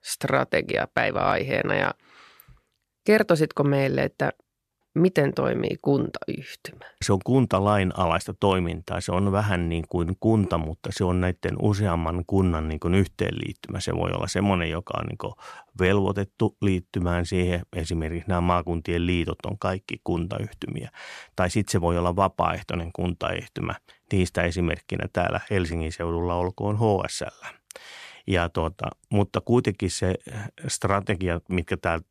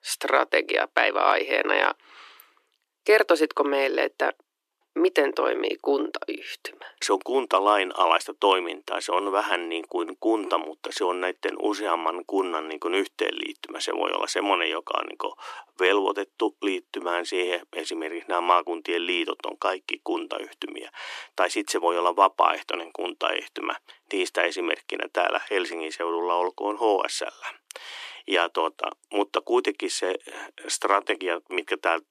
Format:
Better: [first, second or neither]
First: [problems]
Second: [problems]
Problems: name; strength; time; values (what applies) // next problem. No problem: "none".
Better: first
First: none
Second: thin; very; fading below 300 Hz